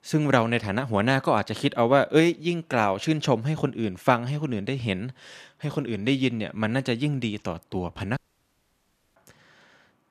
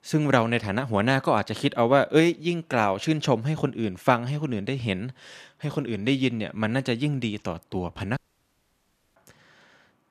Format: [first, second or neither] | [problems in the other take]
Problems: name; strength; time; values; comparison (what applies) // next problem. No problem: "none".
neither | audio cutting out; at 8 s for 1 s; the same in both